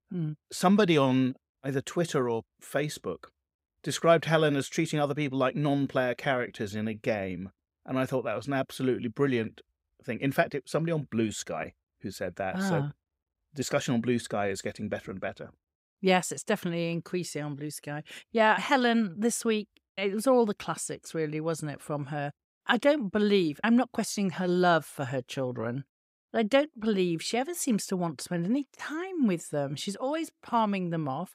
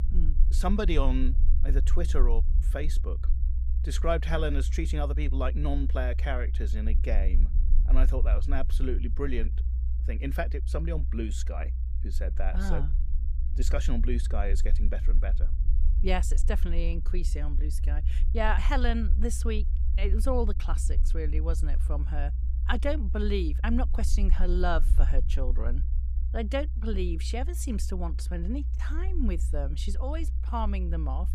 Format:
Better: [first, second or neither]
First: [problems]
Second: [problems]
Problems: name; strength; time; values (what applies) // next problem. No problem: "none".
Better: first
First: none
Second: low rumble; noticeable; throughout; 15 dB below the speech